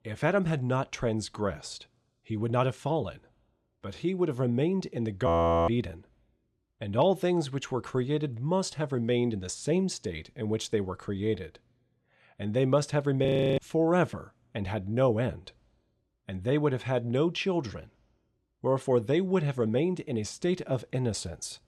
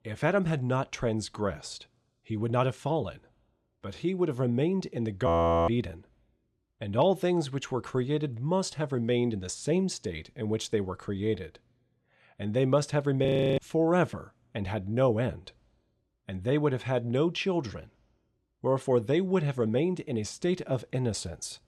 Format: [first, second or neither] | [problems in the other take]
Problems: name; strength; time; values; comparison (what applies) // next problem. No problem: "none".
neither | audio freezing; at 5.5 s and at 13 s; the same in both